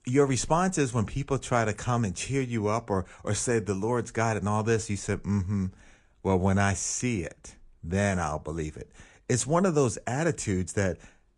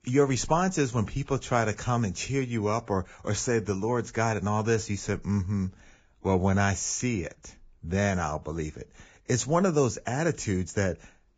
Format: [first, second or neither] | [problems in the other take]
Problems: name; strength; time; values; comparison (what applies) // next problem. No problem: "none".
first | garbled, watery; badly; nothing above 7.5 kHz; slightly in the first